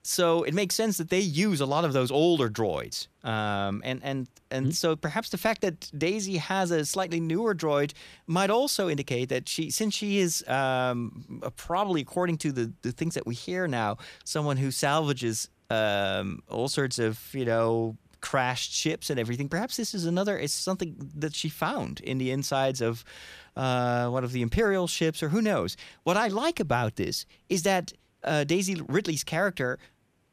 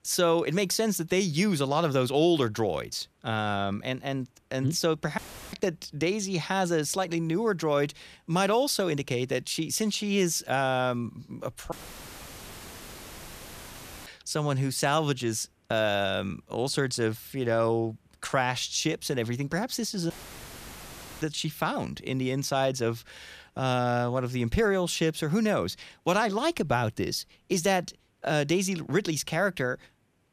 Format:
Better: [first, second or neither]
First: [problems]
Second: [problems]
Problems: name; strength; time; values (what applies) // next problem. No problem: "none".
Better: first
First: none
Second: audio cutting out; filled with static; at 5 s, at 12 s for 2.5 s and at 20 s for 1 s